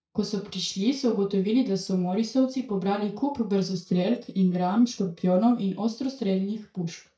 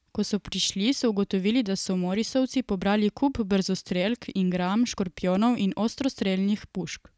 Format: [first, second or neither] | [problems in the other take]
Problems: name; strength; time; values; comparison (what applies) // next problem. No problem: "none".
second | noise reduction (neural mask model DeepFilterNet 3)